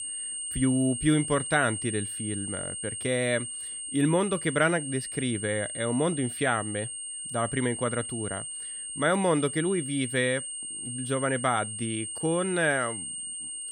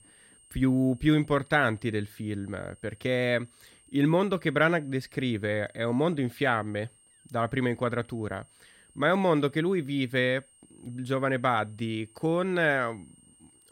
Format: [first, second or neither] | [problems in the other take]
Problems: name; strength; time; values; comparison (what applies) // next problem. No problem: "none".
second | high-pitched whine; loud; throughout; 8.5 kHz, 5 dB below the speech; faint in the second